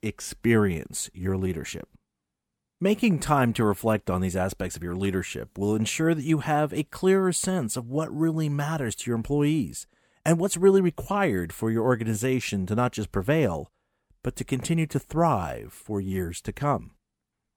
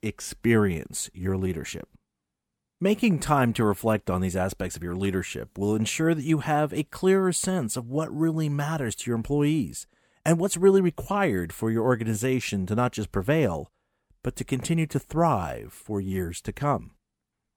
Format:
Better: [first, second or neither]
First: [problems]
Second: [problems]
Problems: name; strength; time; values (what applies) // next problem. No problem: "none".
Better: neither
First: none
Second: none